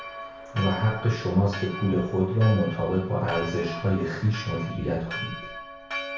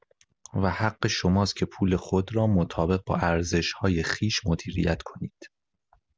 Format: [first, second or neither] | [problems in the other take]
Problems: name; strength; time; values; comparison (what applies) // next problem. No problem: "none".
second | background sound (Church bell); 11 dB below the speech // room echo; dies away in 0.6 s